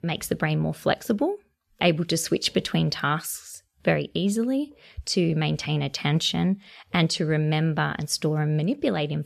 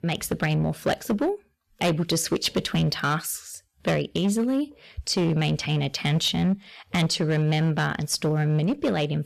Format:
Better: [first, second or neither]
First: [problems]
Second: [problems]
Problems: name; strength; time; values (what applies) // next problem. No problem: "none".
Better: first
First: none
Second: distortion; slight; 9% of the sound clipped